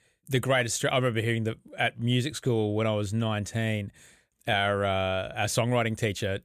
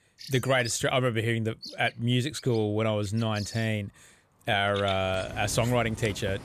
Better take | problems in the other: first | animal sounds; noticeable; throughout; 15 dB below the speech

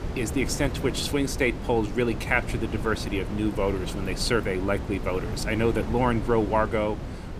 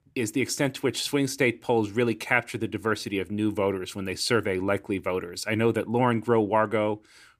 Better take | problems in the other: second | wind noise on the microphone; occasional gusts; 10 dB below the speech

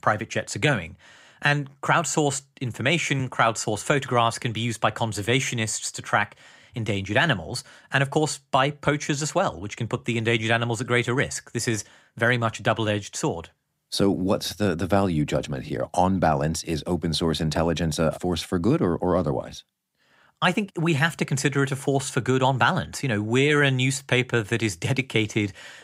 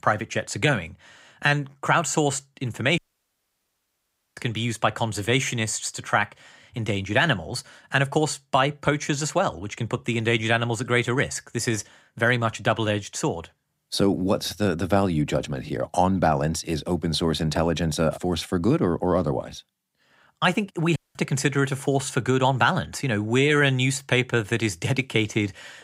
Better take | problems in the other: first | audio cutting out; at 3 s for 1.5 s and at 21 s

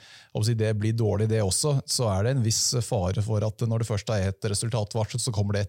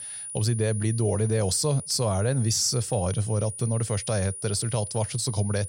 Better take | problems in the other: first | high-pitched whine; loud; throughout; 9.5 kHz, 9 dB below the speech

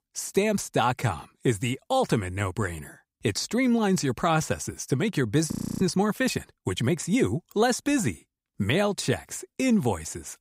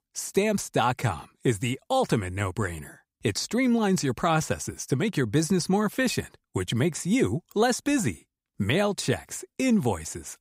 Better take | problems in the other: second | audio freezing; at 5.5 s

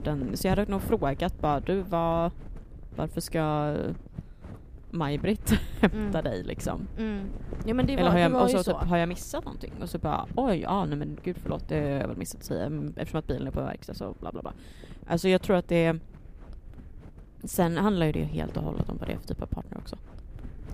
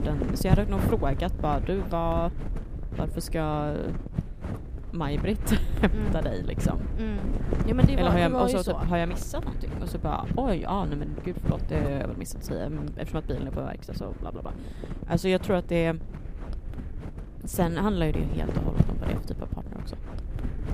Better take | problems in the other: first | wind noise on the microphone; heavy; 10 dB below the speech; occasional gusts in the first

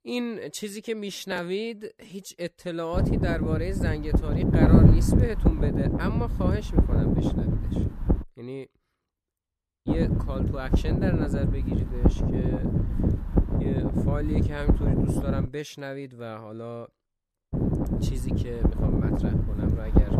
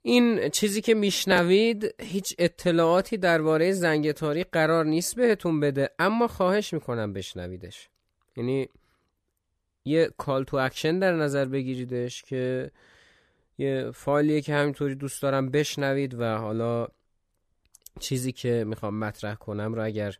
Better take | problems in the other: second | wind noise on the microphone; heavy; from 3 to 8 s, from 10 to 15 s and from 18 s on; 3 dB above the speech

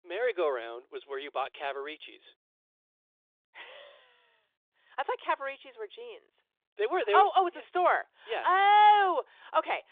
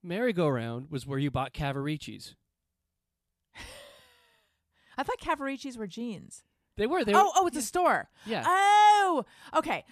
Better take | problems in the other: second | phone-call audio; nothing above 3.5 kHz

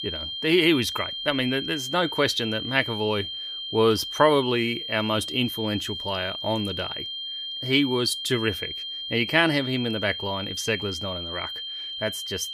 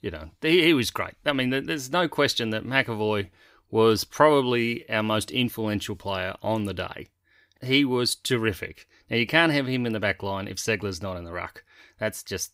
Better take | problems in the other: second | high-pitched whine; loud; throughout; 3 kHz, 6 dB below the speech

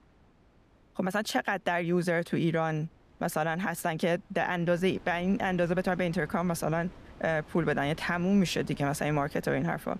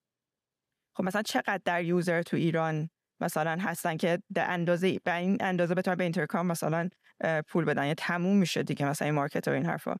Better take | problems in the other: second | wind noise on the microphone; occasional gusts; 25 dB below the speech

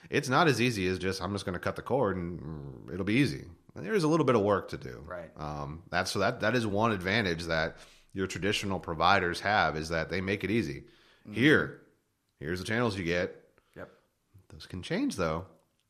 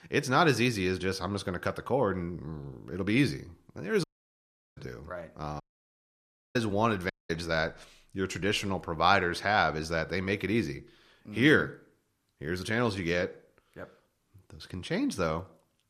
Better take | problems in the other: first | audio cutting out; at 4 s for 0.5 s, at 5.5 s for 1 s and at 7 s

